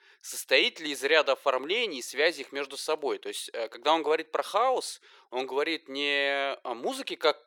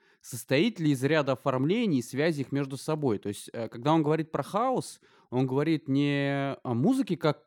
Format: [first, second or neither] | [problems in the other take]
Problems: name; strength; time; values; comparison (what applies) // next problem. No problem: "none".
second | thin; very; fading below 450 Hz